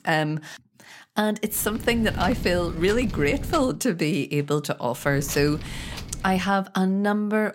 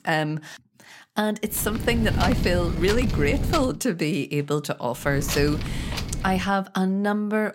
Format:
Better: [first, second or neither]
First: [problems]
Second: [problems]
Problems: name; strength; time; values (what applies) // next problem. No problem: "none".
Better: first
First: wind noise on the microphone; occasional gusts; from 1.5 to 3.5 s and from 5 to 6.5 s; 15 dB below the speech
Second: wind noise on the microphone; heavy; from 1.5 to 3.5 s and from 5 to 6.5 s; 8 dB below the speech